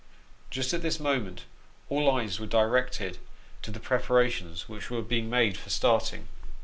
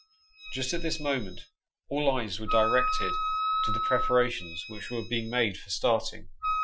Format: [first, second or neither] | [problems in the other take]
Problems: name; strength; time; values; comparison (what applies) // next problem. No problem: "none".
first | noise reduction (classical method Wiener filter)